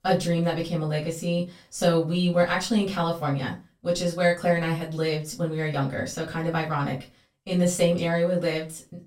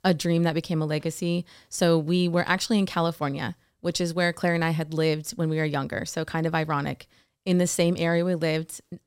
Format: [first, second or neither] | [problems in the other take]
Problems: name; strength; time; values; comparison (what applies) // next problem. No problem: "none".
second | off-mic speech; far // room echo; very slight; dies away in 0.2 s